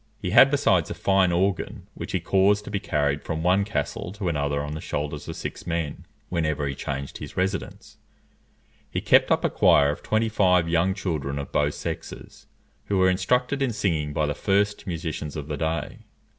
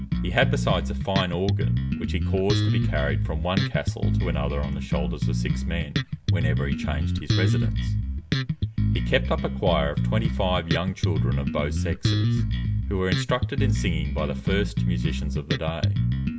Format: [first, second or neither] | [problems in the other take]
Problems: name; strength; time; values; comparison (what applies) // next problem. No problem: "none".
first | background sound (Bass guitar); 4 dB above the speech